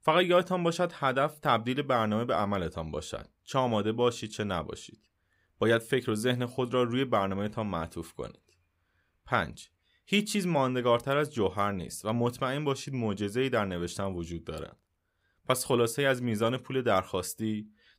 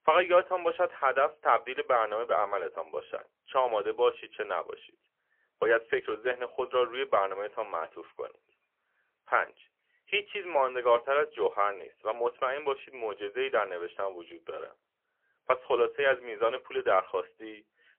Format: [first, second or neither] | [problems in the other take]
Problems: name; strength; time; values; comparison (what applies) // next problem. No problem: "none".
first | phone-call audio; poor line; nothing above 3.5 kHz